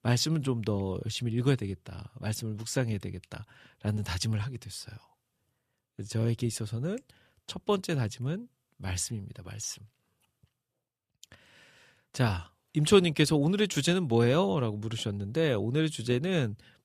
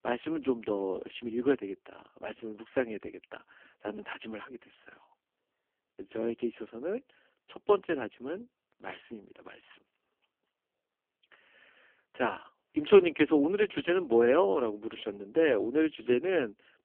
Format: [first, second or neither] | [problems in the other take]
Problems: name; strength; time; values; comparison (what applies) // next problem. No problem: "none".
first | phone-call audio; poor line; nothing above 3 kHz